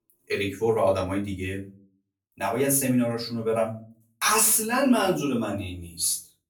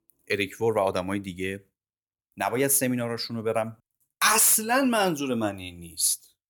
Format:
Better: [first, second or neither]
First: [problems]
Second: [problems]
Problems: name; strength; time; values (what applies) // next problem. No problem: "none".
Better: second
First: off-mic speech; far // room echo; very slight; dies away in 0.3 s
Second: none